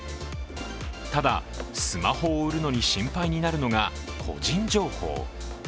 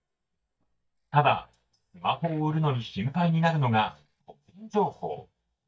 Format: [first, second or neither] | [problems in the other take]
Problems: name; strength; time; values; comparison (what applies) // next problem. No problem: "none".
first | noise reduction (neural mask model DeepFilterNet 3)